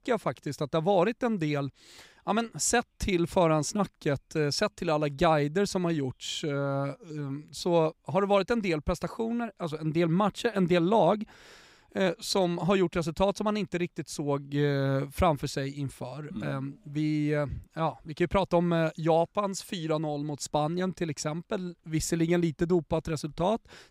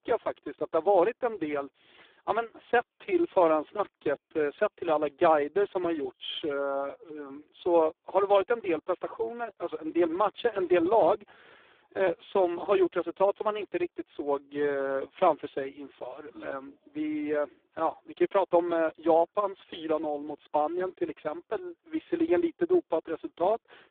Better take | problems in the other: first | phone-call audio; poor line

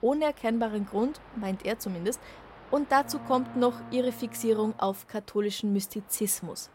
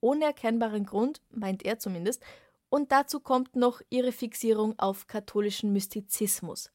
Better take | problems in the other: second | train or aircraft noise; noticeable; throughout; 20 dB below the speech

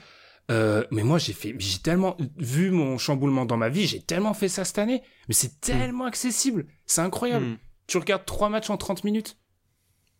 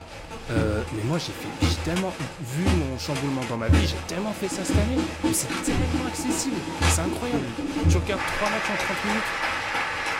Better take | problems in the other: first | crowd noise; very loud; throughout; 3 dB above the speech

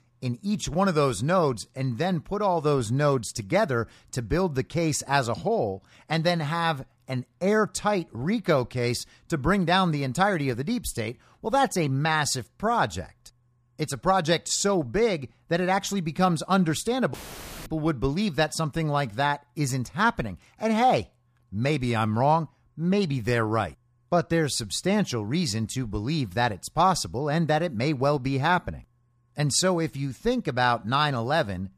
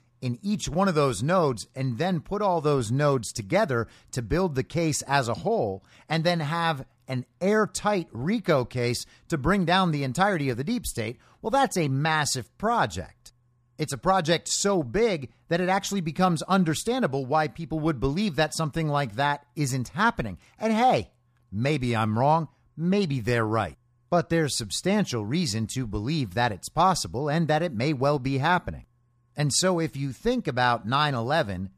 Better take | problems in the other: second | audio cutting out; filled with static; at 17 s for 0.5 s

